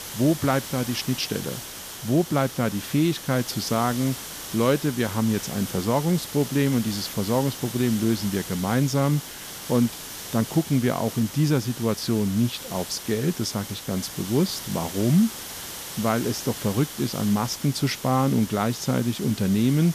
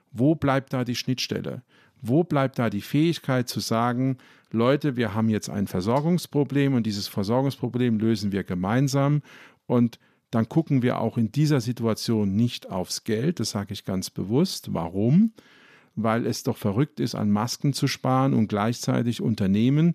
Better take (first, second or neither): second